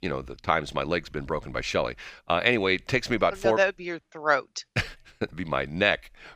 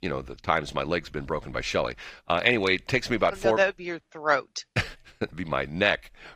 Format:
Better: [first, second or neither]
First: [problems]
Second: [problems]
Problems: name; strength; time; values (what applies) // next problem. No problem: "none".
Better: first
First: none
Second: garbled, watery; slightly; nothing above 15 kHz